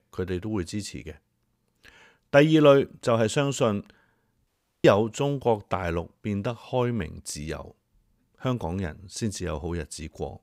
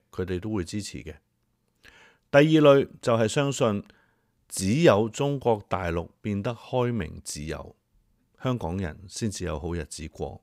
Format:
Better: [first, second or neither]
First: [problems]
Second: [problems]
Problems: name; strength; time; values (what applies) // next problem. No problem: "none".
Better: second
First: audio cutting out; at 4.5 s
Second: none